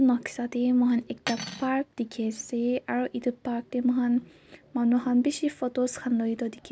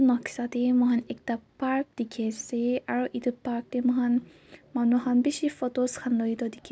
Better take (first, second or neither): second